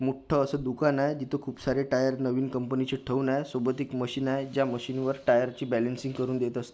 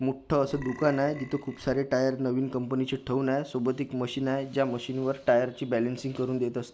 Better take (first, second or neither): first